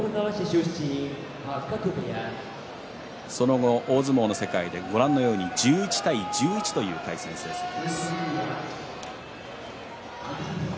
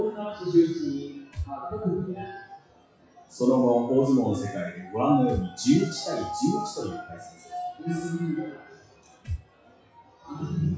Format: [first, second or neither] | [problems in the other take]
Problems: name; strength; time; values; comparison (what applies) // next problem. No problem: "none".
first | noise reduction (classical method WPE with log-MMSE)